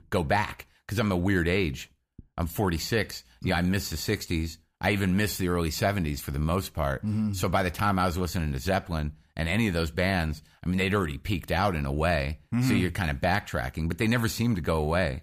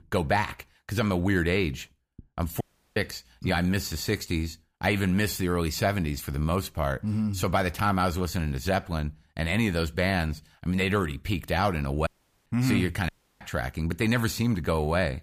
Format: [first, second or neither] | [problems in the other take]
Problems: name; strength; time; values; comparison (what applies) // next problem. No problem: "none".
first | audio cutting out; at 2.5 s, at 12 s and at 13 s